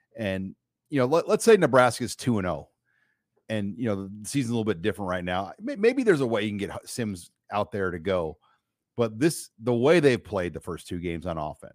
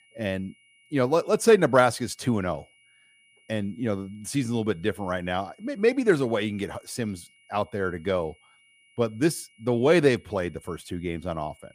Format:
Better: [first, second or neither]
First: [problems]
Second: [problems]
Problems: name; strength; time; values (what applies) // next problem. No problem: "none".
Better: first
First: none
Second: high-pitched whine; faint; throughout; 2 kHz, 30 dB below the speech